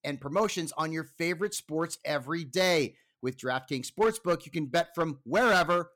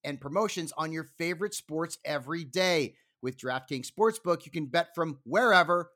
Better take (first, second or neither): second